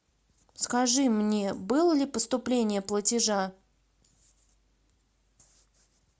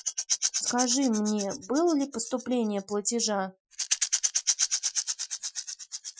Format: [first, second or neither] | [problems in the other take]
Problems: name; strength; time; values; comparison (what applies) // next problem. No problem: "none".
first | noise reduction (classical method Wiener filter)